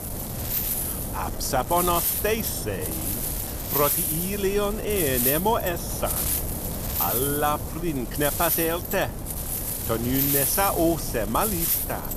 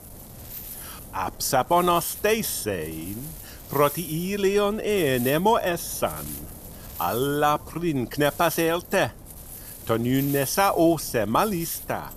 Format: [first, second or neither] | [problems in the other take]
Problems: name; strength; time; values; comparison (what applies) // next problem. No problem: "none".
second | wind noise on the microphone; heavy; 5 dB below the speech; occasional gusts in the second